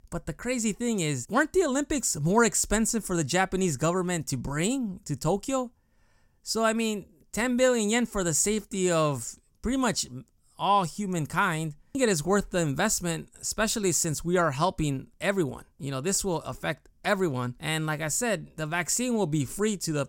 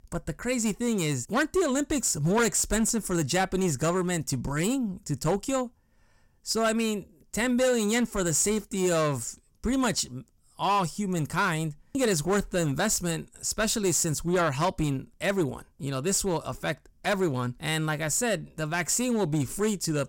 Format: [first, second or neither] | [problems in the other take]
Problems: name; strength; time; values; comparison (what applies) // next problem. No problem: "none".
first | distortion; slight; 6% of the sound clipped